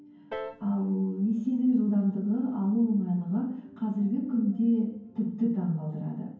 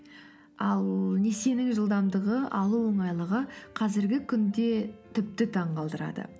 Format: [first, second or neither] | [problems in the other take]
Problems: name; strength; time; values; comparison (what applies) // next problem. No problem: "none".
second | background sound (Piano); 17 dB below the speech // room echo; dies away in 0.9 s